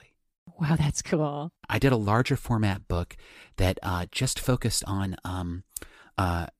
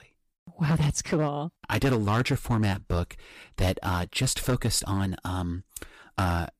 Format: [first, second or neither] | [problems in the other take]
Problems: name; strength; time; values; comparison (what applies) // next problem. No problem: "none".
first | distortion; slight; 6% of the sound clipped